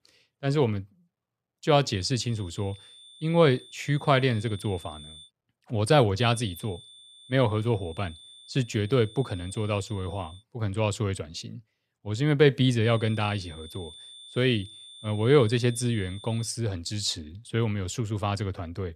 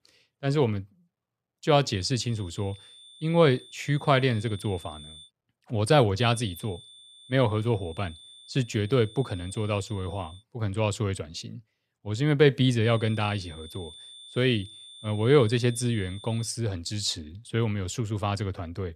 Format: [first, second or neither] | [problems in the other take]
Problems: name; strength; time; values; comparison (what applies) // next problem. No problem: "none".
neither | high-pitched whine; noticeable; from 2 to 5.5 s, from 6 to 10 s and from 13 to 16 s; 3.5 kHz, 20 dB below the speech; the same in both